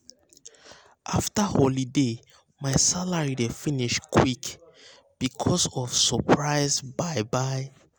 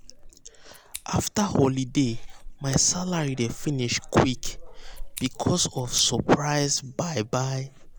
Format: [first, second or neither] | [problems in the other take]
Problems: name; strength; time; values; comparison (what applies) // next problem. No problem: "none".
first | background sound (Meow / Purr + Scissors); 13 dB below the speech